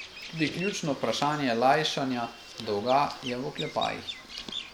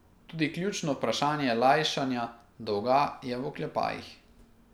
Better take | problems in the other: second | background sound (Bird vocalization, bird call, bird song); 12 dB below the speech

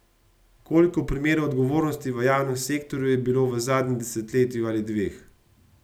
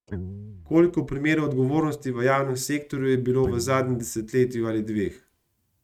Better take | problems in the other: first | noise reduction (neural mask model RNNoise)

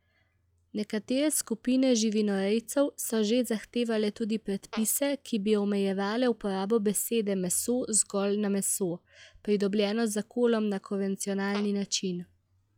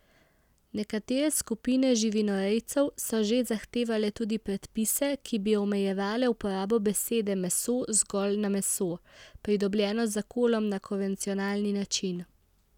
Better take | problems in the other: second | noise reduction (classical method log-MMSE)

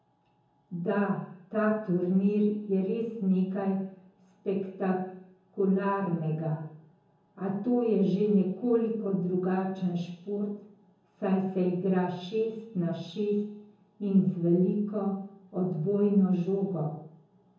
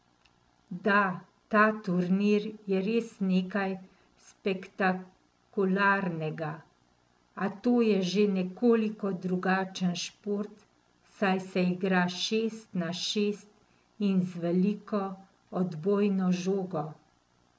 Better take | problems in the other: second | room echo; dies away in 0.7 s

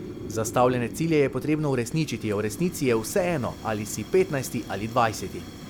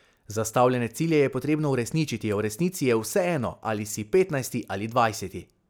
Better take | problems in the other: second | background sound (Fire); 13 dB below the speech

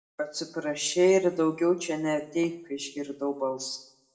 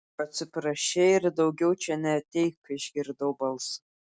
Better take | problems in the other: second | room echo; dies away in 0.5 s

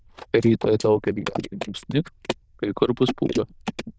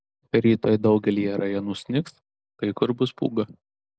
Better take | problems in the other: second | noise reduction (neural diffusion model UNIVERSE++)

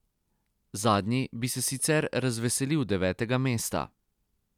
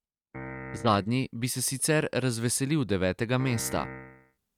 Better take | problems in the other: first | noise reduction (neural mask model RNNoise)

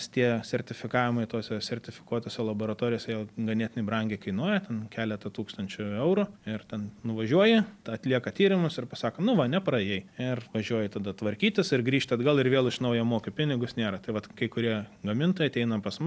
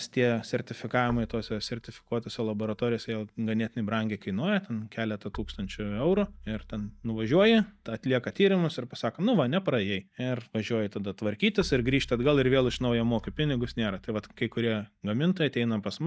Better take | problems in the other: first | noise reduction (neural mask model DeepFilterNet 3)

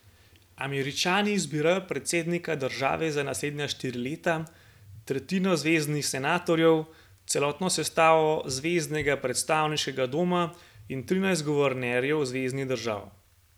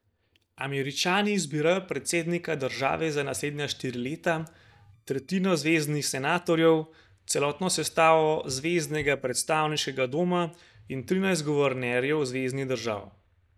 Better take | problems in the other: first | noise reduction (neural mask model DeepFilterNet 3)

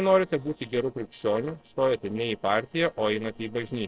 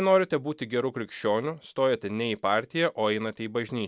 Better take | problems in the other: second | noise reduction (neural separator model SepFormer DNS4)

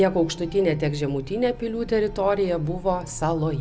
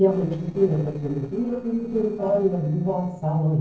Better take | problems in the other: first | noise reduction (neural separator model SepFormer DNS4)

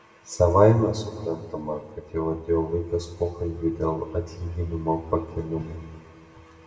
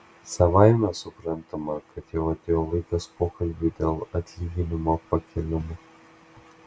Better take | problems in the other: second | room echo; dies away in 1.6 s

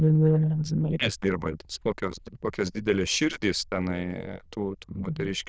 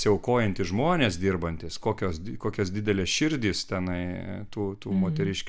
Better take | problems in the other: second | noise reduction (neural diffusion model UNIVERSE++)

